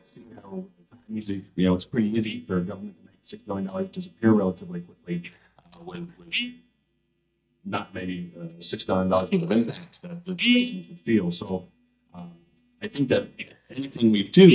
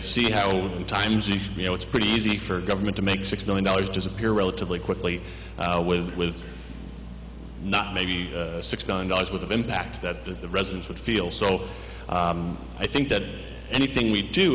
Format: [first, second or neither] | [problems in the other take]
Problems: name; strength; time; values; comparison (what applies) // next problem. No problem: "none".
second | noise reduction (neural mask model DeepFilterNet 3)